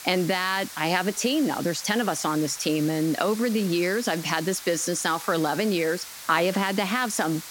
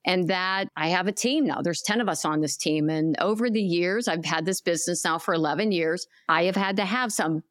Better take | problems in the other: second | hiss; noticeable; throughout; 15 dB below the speech

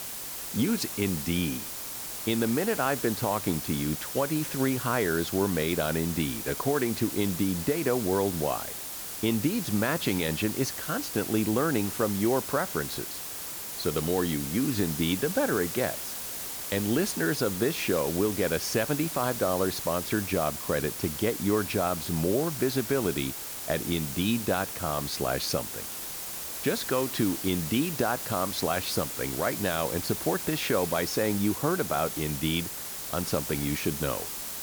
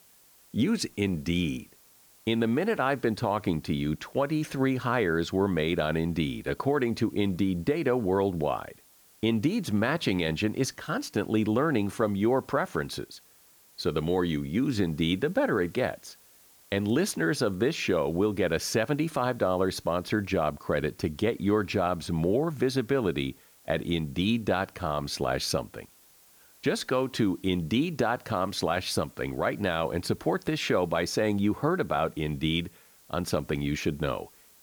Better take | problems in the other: second | hiss; loud; throughout; 5 dB below the speech; faint in the second

